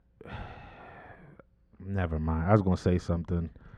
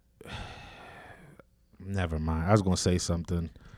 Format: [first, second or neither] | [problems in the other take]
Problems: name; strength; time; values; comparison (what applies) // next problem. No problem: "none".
second | muffled; very; fading above 3.5 kHz